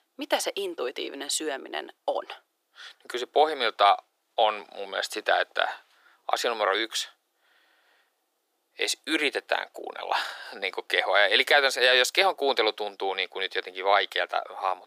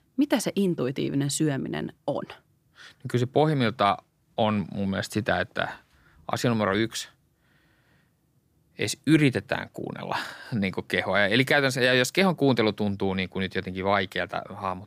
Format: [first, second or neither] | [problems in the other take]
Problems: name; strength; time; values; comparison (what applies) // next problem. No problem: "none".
second | thin; very; fading below 400 Hz